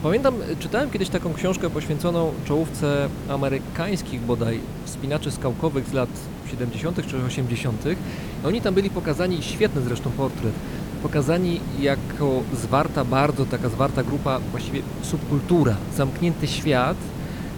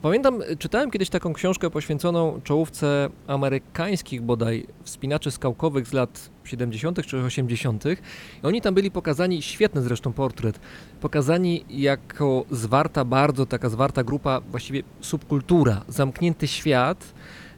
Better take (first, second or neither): second